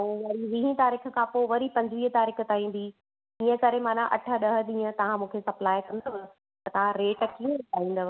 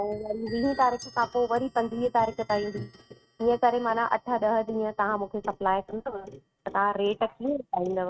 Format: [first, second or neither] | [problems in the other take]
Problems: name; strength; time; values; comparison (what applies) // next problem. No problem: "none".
first | noise reduction (neural mask model RNNoise)